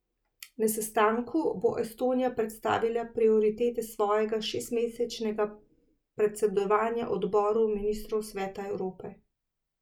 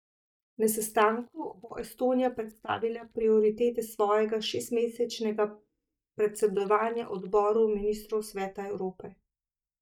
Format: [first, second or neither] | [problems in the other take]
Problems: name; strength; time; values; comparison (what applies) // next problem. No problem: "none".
first | noise reduction (neural mask model DeepFilterNet 3)